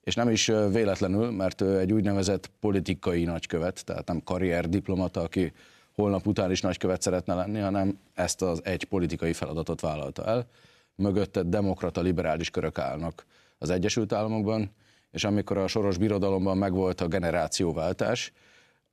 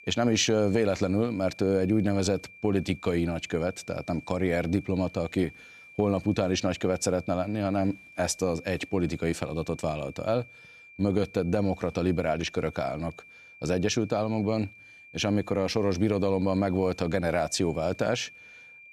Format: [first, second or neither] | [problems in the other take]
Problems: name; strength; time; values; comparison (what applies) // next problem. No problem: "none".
first | high-pitched whine; faint; throughout; 2.5 kHz, 20 dB below the speech